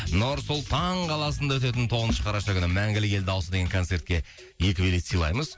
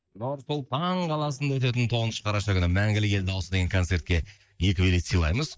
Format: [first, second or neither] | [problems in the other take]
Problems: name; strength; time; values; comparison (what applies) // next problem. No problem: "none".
first | noise reduction (neural mask model DeepFilterNet 3)